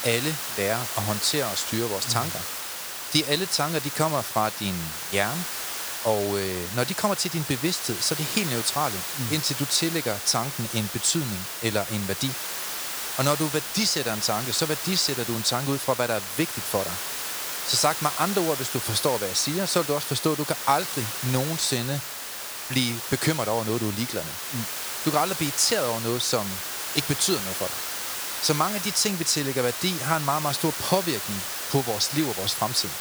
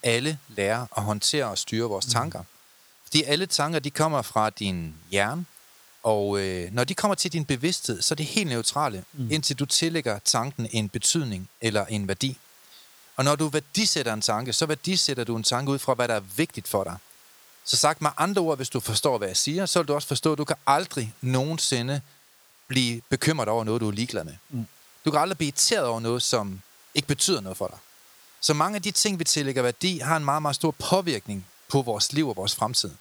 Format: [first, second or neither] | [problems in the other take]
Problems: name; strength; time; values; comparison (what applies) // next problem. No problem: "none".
second | hiss; loud; throughout; 4 dB below the speech; faint in the second